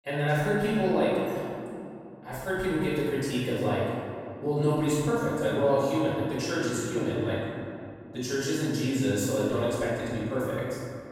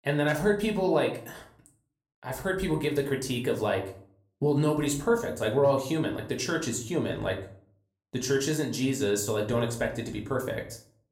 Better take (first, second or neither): second